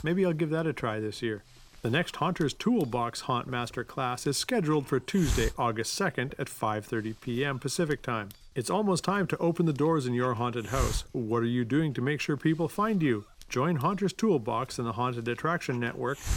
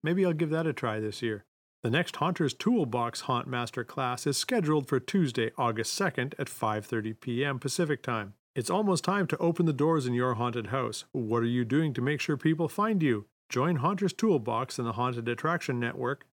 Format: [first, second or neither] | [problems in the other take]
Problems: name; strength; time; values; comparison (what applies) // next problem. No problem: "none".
second | hiss; noticeable; throughout; 15 dB below the speech